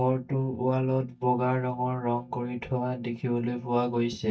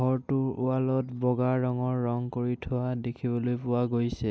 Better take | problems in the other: second | noise reduction (neural mask model DeepFilterNet 3)

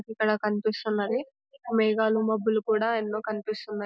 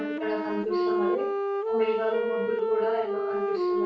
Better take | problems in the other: first | background sound (Wind instrument, woodwind instrument); 4 dB above the speech // room echo; dies away in 0.4 s

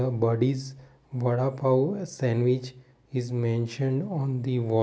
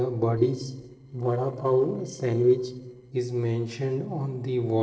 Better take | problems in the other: first | noise reduction (neural separator model SepFormer DNS4)

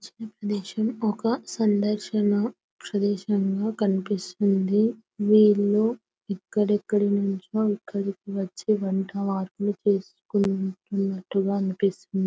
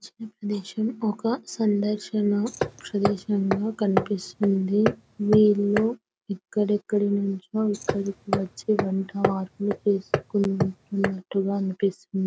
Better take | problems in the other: first | background sound (Hammer); 5 dB below the speech

